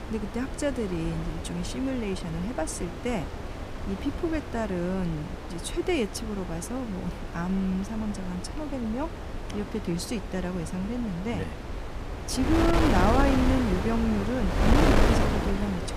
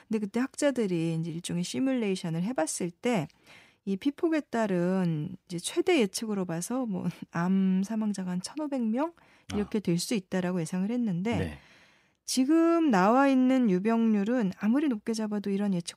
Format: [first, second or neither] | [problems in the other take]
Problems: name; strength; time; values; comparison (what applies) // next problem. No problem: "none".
second | wind noise on the microphone; heavy; 1 dB below the speech